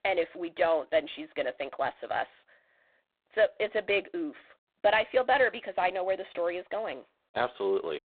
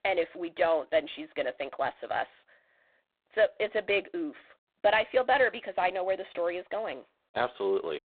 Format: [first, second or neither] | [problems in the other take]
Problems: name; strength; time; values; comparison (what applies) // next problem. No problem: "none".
neither | phone-call audio; poor line; the same in both